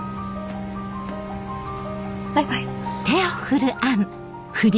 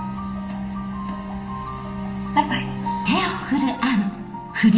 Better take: first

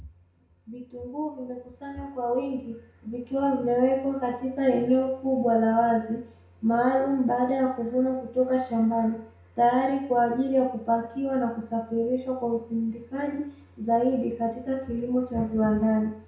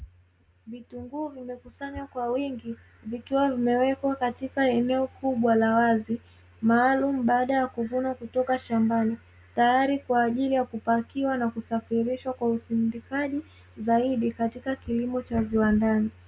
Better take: second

